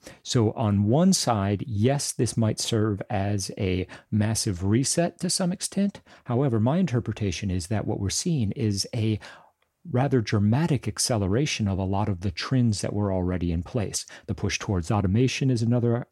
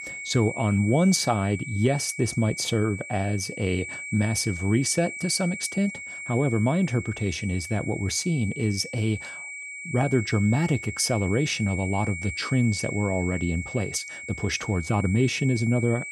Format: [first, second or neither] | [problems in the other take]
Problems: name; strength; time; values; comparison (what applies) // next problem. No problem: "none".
first | high-pitched whine; loud; throughout; 2.5 kHz, 9 dB below the speech